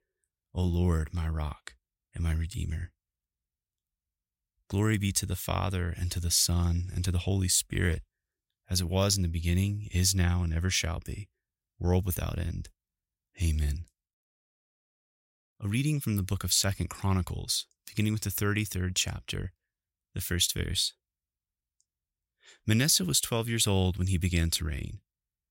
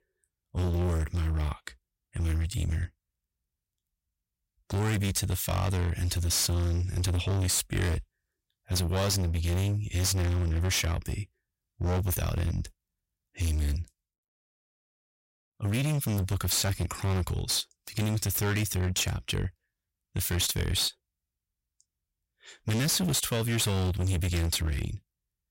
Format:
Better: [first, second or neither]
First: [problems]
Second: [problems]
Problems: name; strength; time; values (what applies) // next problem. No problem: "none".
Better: first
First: none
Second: distortion; heavy; 21% of the sound clipped